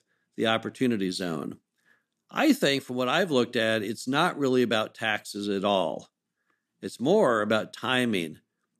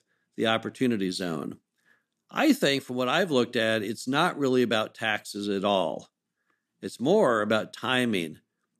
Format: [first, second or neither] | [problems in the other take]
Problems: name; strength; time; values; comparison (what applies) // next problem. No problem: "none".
neither | none